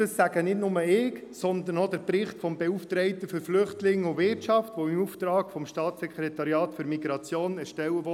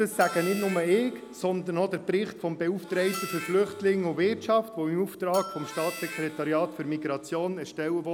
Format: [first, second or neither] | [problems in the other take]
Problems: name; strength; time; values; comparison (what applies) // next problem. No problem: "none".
first | background sound (Bell + Harmonica); 15 dB below the speech